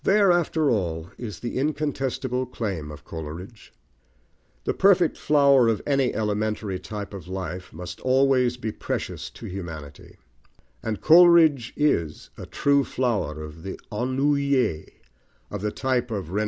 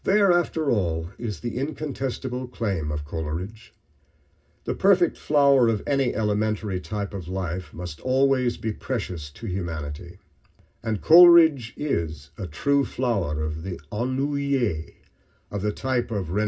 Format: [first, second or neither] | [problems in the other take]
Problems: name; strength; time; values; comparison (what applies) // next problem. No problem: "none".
first | room echo; dies away in 0.4 s